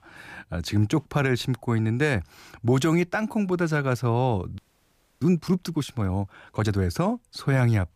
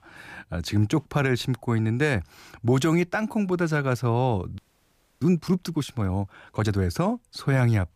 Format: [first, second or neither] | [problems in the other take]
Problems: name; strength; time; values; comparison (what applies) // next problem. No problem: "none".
neither | audio freezing; at 4.5 s for 0.5 s; the same in both